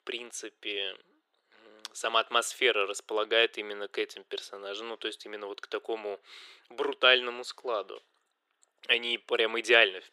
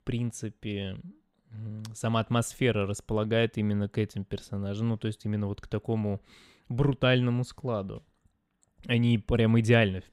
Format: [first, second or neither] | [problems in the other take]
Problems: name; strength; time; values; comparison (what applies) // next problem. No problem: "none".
second | thin; very; fading below 350 Hz